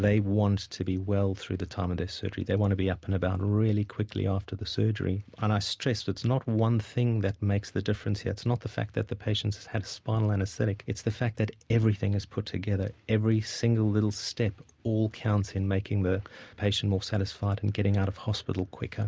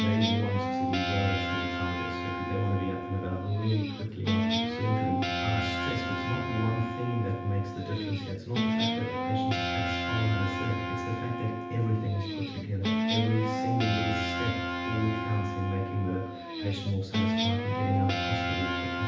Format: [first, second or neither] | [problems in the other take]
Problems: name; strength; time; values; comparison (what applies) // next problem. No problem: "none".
first | background sound (Guitar); as loud as the speech // room echo; dies away in 0.9 s